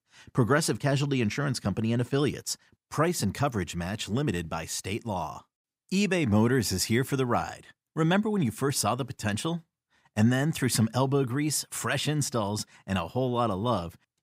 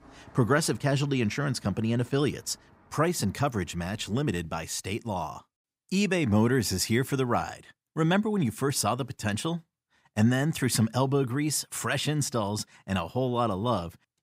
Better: first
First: none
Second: traffic noise; faint; until 4 s; 30 dB below the speech

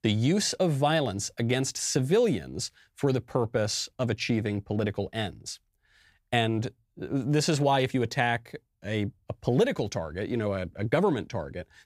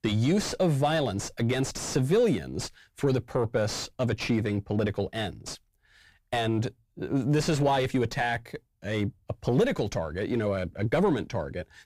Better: first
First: none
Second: distortion; slight; 7 dB below the speech

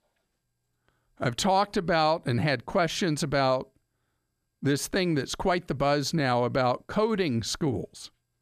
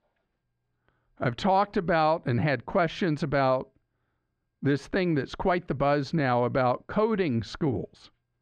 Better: first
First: none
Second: muffled; slightly; fading above 2.5 kHz

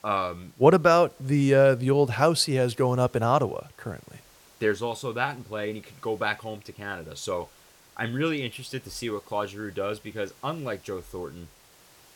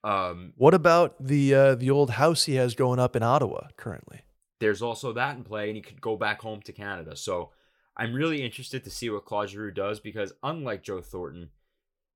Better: second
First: hiss; faint; throughout; 30 dB below the speech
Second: none

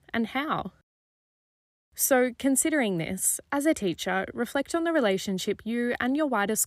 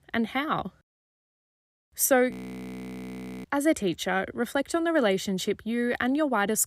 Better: first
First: none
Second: audio freezing; at 2.5 s for 1 s

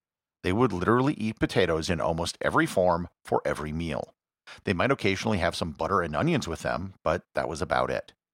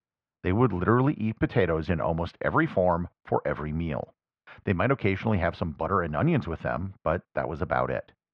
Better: first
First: none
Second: muffled; very; fading above 2.5 kHz

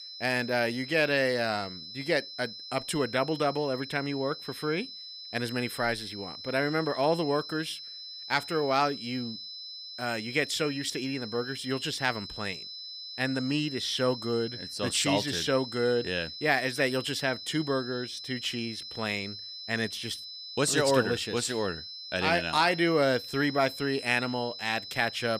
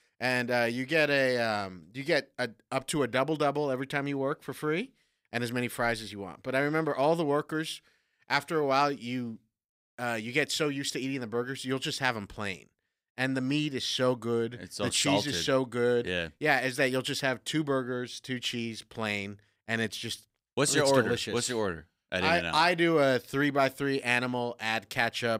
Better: second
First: high-pitched whine; loud; throughout; 4 kHz, 10 dB below the speech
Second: none

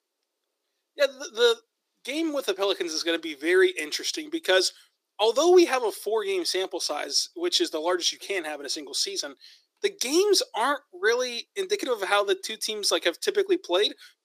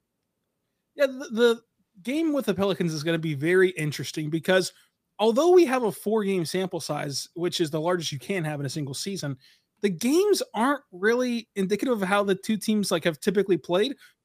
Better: second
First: thin; very; fading below 350 Hz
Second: none

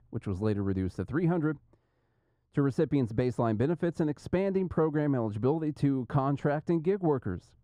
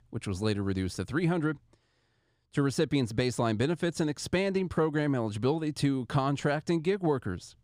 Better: second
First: muffled; slightly; fading above 2 kHz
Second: none

